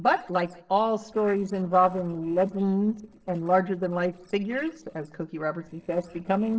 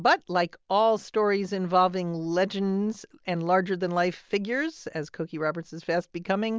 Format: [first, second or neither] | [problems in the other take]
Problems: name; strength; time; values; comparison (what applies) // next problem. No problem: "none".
second | noise reduction (neural separator model SepFormer DNS4)